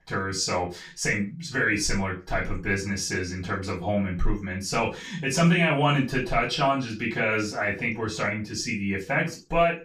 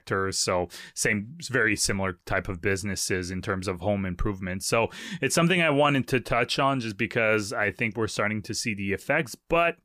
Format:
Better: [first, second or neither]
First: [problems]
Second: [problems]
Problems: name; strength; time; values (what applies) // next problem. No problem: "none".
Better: second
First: room echo; slight; dies away in 0.2 s // off-mic speech; far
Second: none